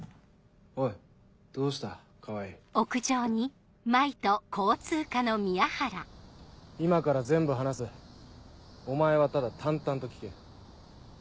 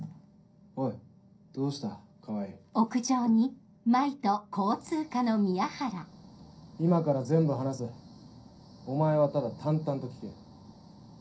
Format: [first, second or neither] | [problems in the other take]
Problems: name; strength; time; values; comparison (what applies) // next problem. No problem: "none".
first | room echo; dies away in 0.3 s